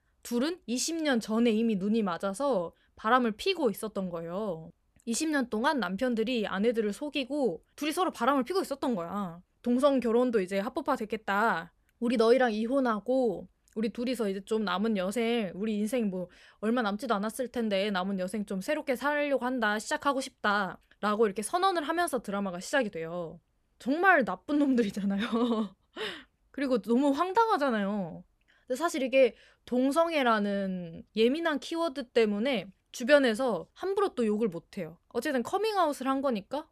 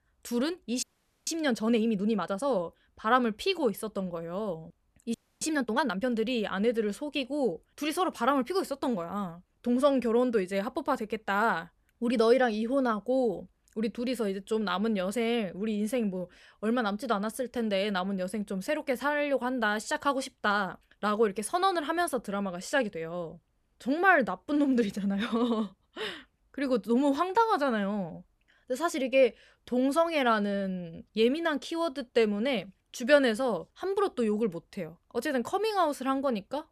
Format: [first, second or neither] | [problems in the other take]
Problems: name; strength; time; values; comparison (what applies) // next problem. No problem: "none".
first | audio freezing; at 1 s and at 5 s